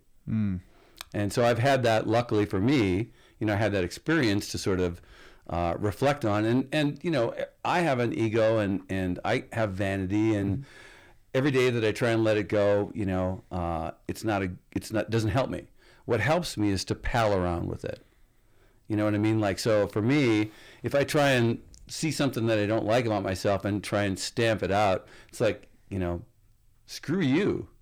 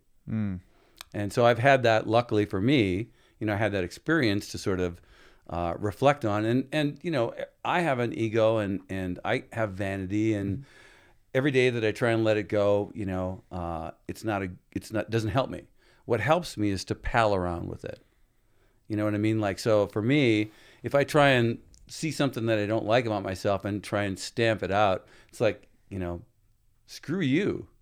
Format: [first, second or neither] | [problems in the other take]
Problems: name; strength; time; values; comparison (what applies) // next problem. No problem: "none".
second | distortion; slight; 10 dB below the speech